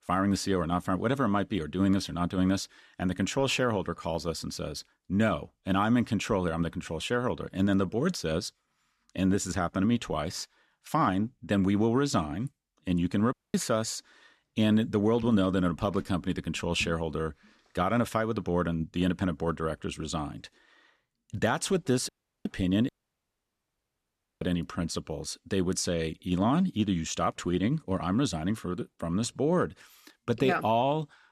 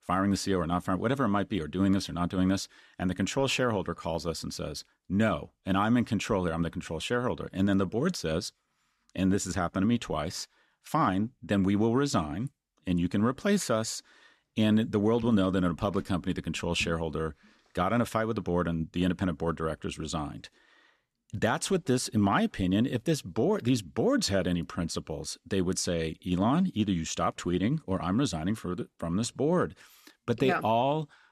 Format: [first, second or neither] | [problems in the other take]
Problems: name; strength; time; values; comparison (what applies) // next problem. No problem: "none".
second | audio cutting out; at 13 s, at 22 s and at 23 s for 1.5 s